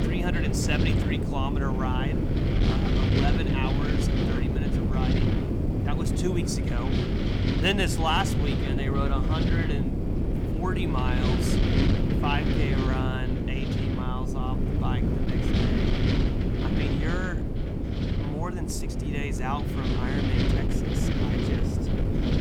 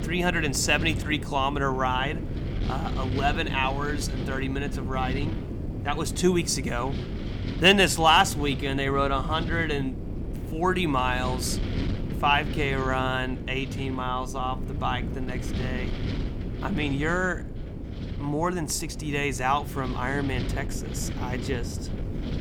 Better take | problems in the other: second | wind noise on the microphone; heavy; as loud as the speech; occasional gusts in the second

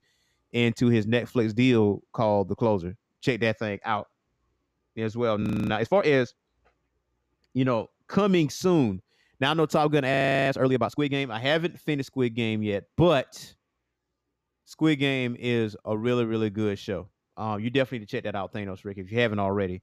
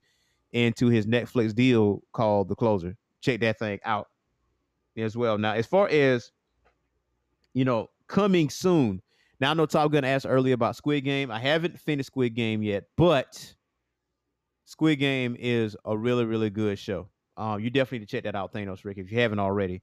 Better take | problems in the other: second | audio freezing; at 5.5 s and at 10 s

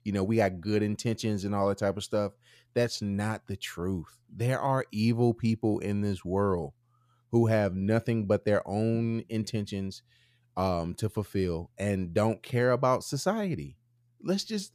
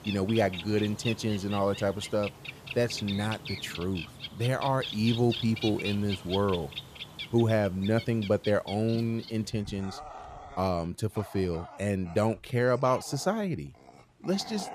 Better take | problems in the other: first | animal sounds; noticeable; throughout; 10 dB below the speech

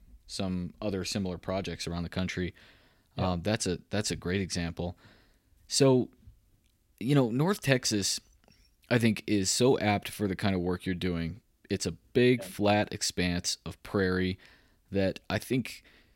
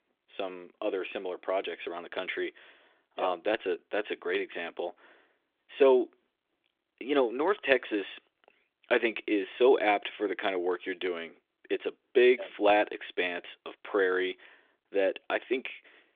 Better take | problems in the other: first | phone-call audio; nothing above 3.5 kHz

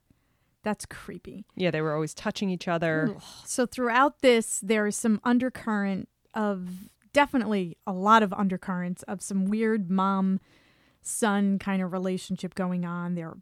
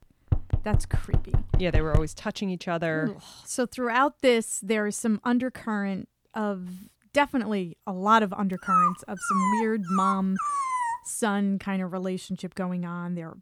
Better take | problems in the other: first | door banging; loud; until 2 s; peak level with the speech // dog barking; loud; from 8.5 to 11 s; peak 5 dB above the speech

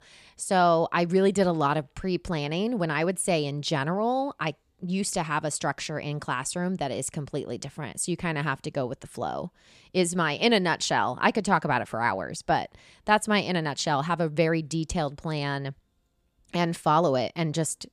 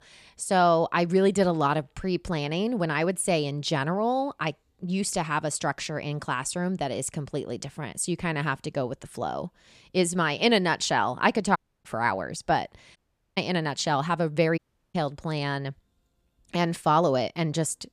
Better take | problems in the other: first | audio cutting out; at 12 s, at 13 s and at 15 s

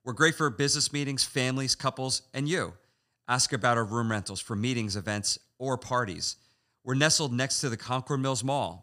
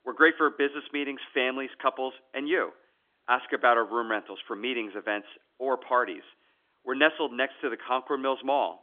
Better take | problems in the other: first | phone-call audio; nothing above 3.5 kHz

